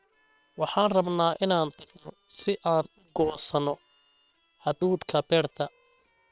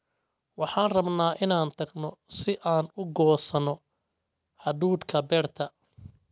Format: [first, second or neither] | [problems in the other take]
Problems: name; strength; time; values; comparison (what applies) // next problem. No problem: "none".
second | noise reduction (neural separator model SepFormer WHAM!)